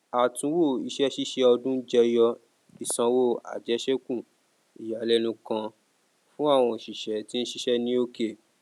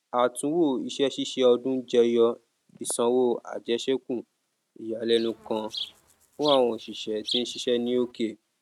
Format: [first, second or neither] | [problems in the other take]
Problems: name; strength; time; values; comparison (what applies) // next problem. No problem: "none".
first | noise reduction (neural mask model RNNoise)